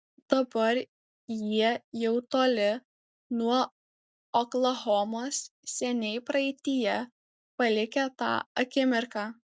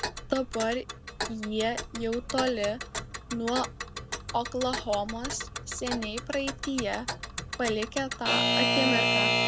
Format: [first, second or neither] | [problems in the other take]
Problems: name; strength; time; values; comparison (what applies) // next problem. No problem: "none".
first | background sound (Alarm / Clock); as loud as the speech